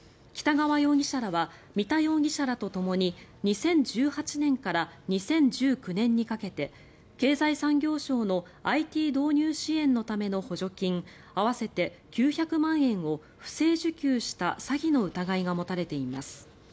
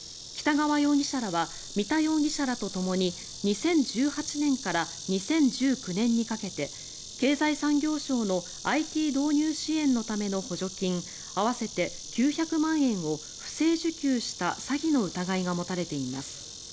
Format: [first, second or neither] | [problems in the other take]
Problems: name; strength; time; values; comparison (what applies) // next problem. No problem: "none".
first | background sound (Insect); 13 dB below the speech